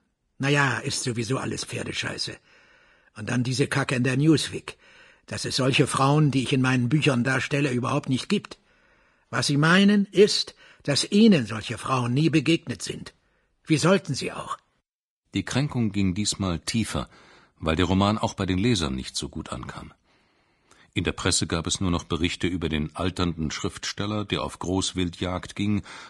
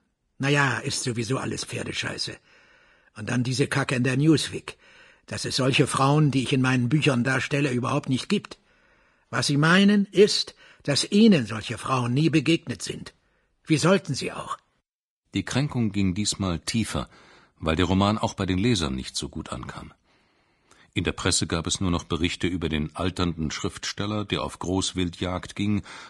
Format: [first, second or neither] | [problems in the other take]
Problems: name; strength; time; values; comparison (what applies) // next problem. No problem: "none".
neither | garbled, watery; slightly; nothing above 10.5 kHz; the same in both